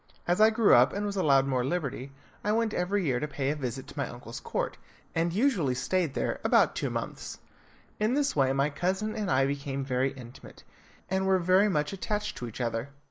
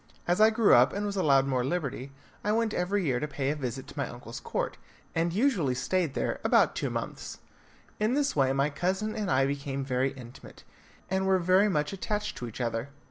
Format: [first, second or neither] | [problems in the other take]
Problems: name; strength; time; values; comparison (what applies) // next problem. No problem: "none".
second | noise reduction (neural mask model Resemble Enhance denoiser)